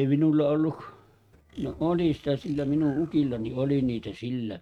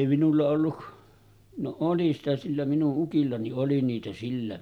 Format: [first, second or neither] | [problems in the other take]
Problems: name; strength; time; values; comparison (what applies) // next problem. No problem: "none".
second | noise reduction (neural mask model RNNoise)